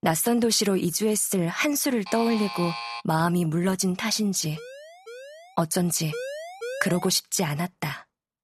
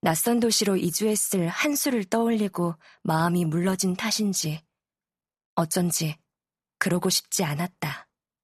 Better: second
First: alarm; noticeable; at 2 s; peak 8 dB below the speech // siren; faint; from 4.5 to 5.5 s; peak 20 dB below the speech // siren; noticeable; at 6 s; peak 9 dB below the speech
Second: none

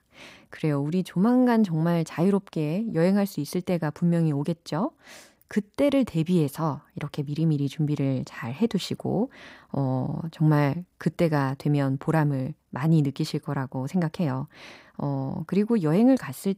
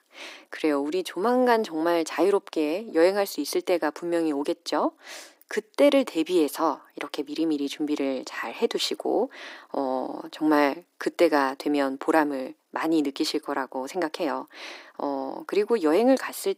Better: first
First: none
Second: thin; somewhat; fading below 300 Hz

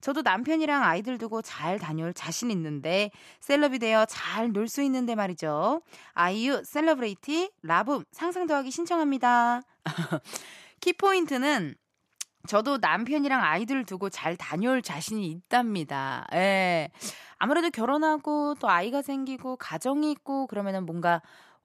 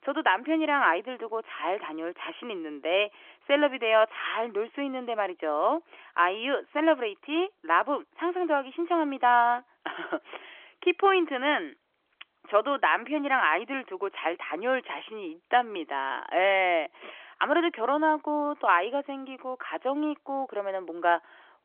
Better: first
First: none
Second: phone-call audio; nothing above 3.5 kHz

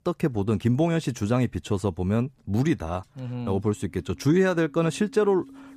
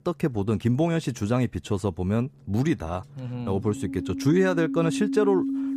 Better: first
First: background music; faint; throughout; 25 dB below the speech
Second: background music; loud; throughout; 5 dB below the speech

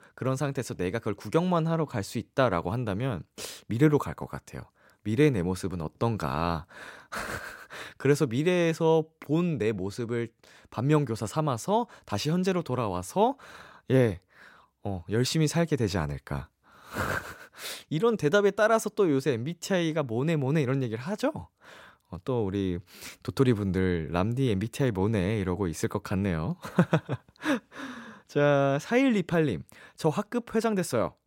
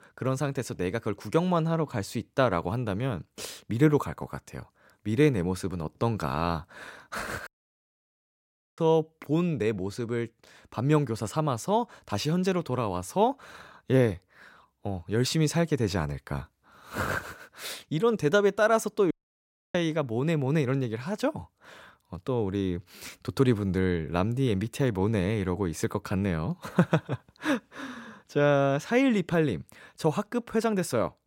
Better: first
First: none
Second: audio cutting out; at 7.5 s for 1.5 s and at 19 s for 0.5 s

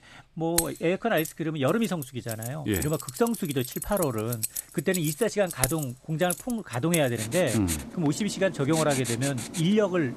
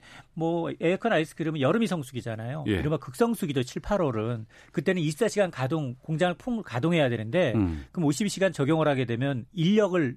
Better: second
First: household noises; loud; throughout; 6 dB below the speech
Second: none

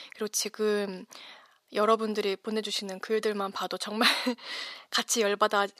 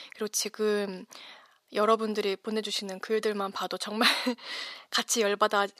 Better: neither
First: thin; somewhat; fading below 450 Hz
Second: thin; somewhat; fading below 450 Hz

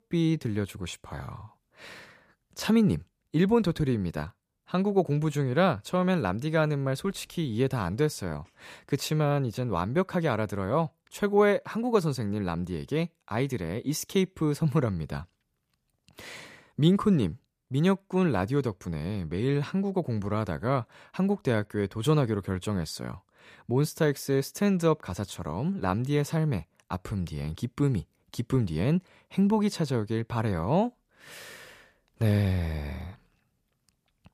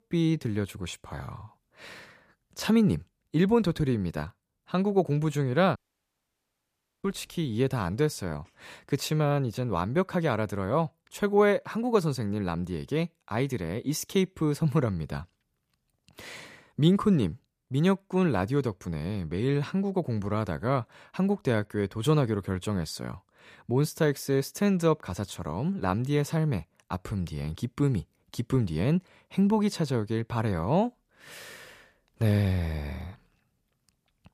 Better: first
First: none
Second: audio cutting out; at 6 s for 1.5 s

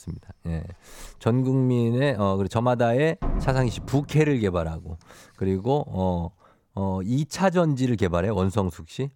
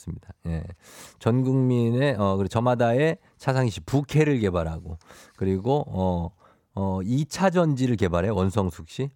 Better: second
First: door banging; noticeable; from 1 to 4 s; peak 6 dB below the speech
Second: none

